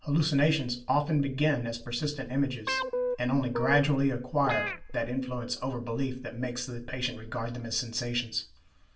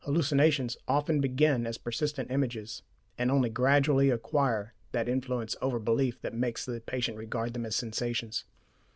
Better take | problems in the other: second | background sound (Guitar); 4 dB below the speech // room echo; dies away in 0.3 s

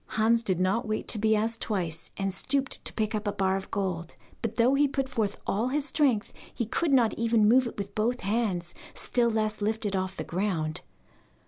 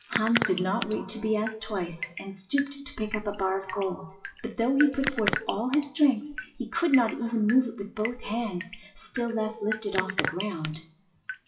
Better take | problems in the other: first | noise reduction (classical method WPE with log-MMSE)

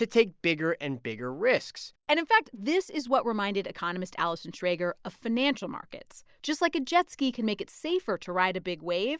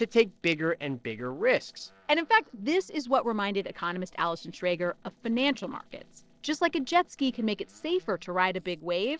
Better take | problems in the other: first | noise reduction (neural separator model SepFormer DNS4)

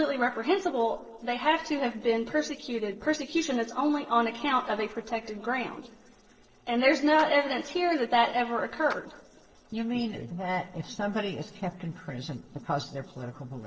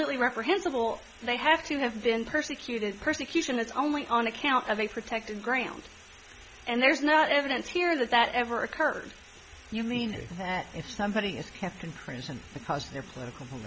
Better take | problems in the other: second | noise reduction (neural separator model SepFormer DNS4)

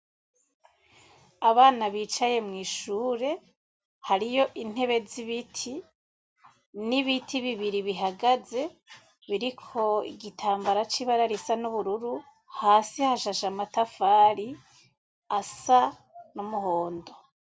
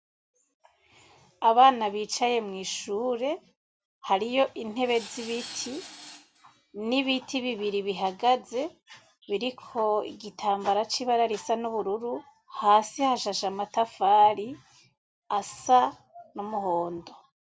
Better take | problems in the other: first | background sound (Tools); 17 dB below the speech

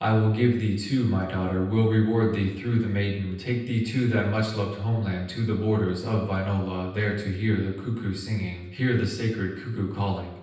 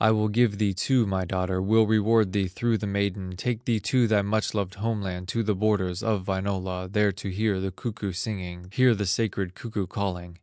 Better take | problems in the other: second | room echo; dies away in 0.9 s

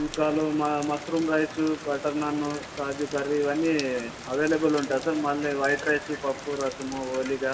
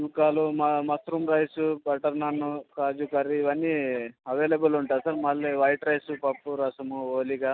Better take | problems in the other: second | background sound (Rain); 13 dB below the speech // room echo; dies away in 1.6 s

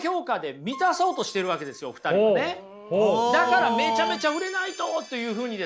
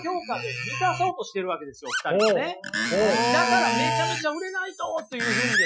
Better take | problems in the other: first | noise reduction (classical method Wiener filter)

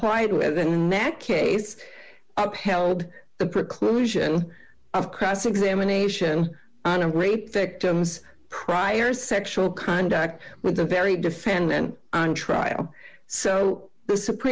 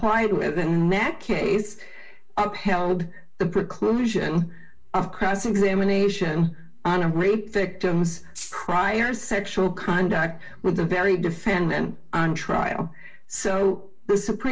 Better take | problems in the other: first | background sound (Rattle (instrument)); 14 dB below the speech // room echo; dies away in 0.2 s

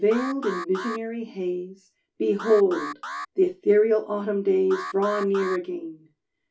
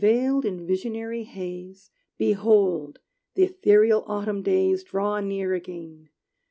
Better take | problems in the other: second | background sound (Alarm); 12 dB below the speech // room echo; dies away in 0.2 s

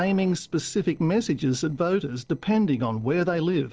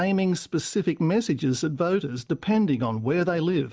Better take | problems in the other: second | noise reduction (neural separator model SepFormer DNS4)

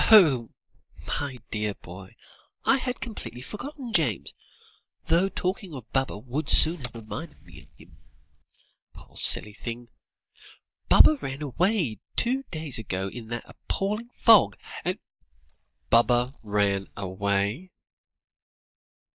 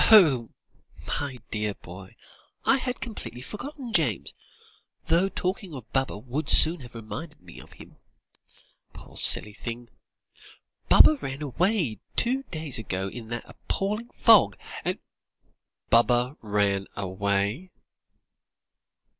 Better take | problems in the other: second | noise reduction (neural mask model DeepFilterNet 3)

